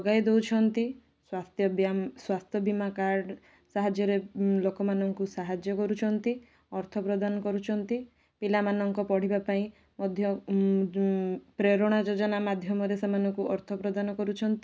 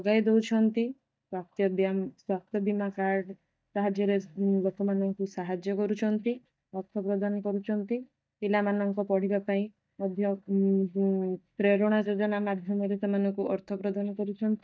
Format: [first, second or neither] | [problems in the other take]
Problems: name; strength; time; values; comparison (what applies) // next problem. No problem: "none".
first | noise reduction (neural mask model DeepFilterNet 3)